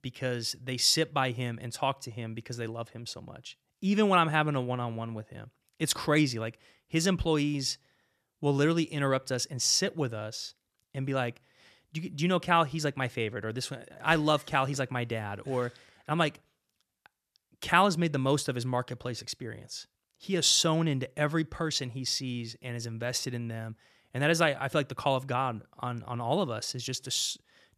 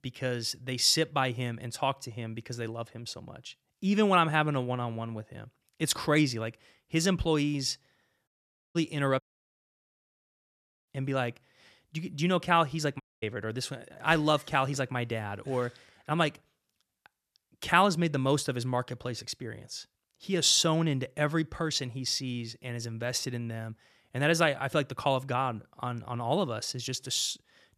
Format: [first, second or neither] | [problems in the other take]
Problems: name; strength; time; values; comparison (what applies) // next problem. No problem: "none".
first | audio cutting out; at 8.5 s, at 9 s for 1.5 s and at 13 s